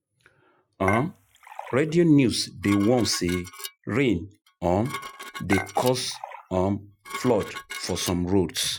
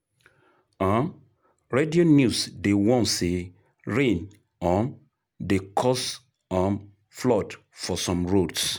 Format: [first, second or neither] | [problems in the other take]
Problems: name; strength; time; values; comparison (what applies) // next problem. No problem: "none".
second | noise reduction (classical method Wiener filter)